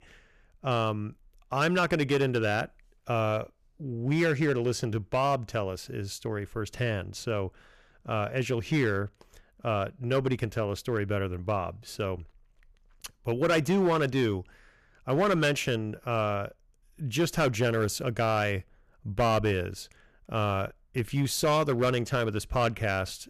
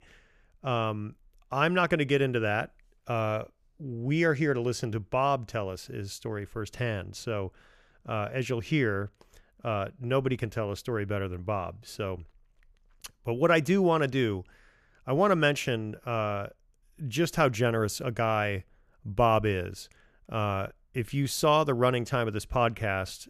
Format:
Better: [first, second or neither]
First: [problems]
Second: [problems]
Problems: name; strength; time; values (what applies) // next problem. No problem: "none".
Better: second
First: distortion; slight; 4% of the sound clipped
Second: none